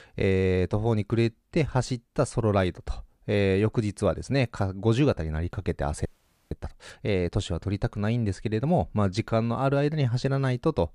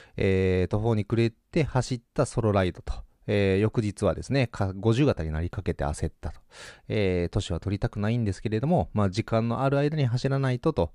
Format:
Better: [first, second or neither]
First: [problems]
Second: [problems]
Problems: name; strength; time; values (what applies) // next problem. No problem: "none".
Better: second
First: audio freezing; at 6 s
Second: none